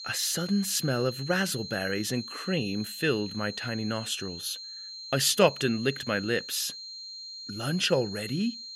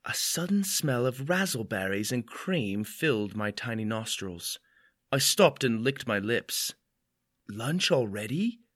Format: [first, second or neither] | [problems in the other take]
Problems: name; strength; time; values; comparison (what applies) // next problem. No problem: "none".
second | high-pitched whine; loud; throughout; 4 kHz, 10 dB below the speech